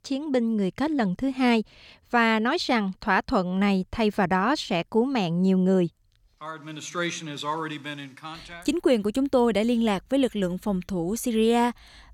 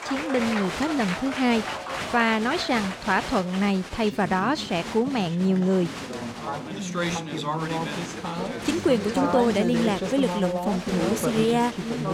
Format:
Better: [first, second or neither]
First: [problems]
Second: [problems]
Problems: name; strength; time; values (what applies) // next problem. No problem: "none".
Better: first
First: none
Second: crowd noise; loud; throughout; 5 dB below the speech